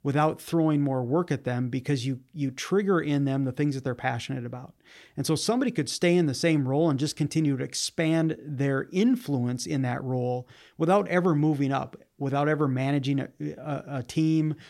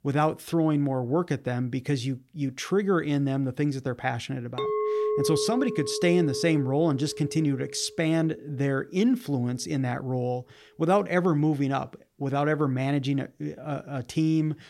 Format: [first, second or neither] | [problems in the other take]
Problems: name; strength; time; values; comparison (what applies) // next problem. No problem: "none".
first | clattering dishes; loud; from 4.5 to 8 s; peak 1 dB above the speech